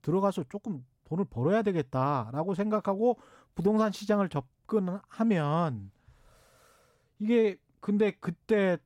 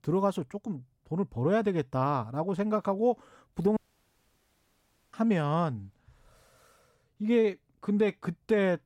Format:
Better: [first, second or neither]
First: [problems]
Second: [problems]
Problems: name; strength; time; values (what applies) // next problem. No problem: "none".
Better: first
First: none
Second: audio cutting out; at 4 s for 1.5 s